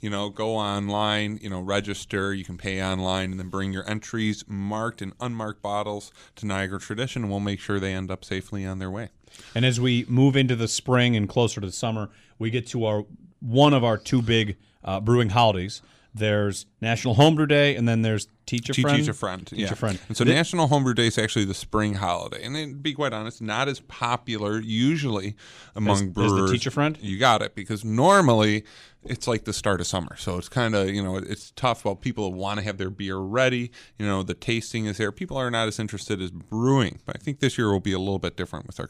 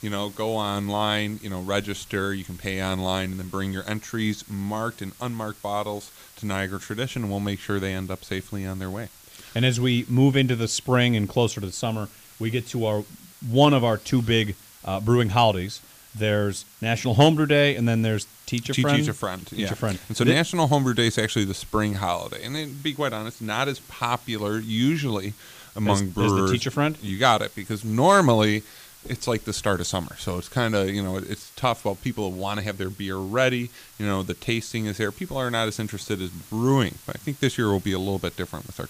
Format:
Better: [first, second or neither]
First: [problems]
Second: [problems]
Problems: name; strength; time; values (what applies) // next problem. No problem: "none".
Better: first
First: none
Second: hiss; faint; throughout; 20 dB below the speech